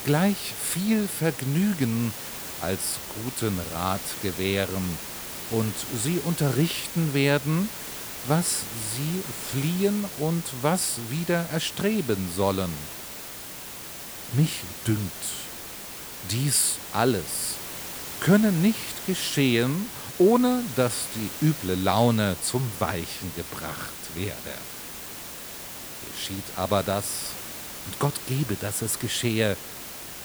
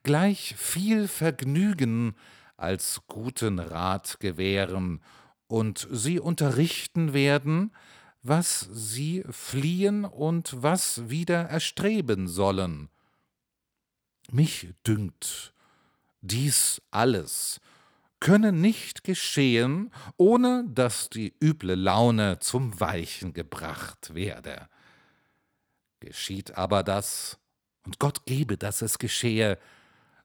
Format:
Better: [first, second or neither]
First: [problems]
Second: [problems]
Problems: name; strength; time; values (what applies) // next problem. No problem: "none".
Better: second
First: hiss; loud; throughout; 9 dB below the speech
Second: none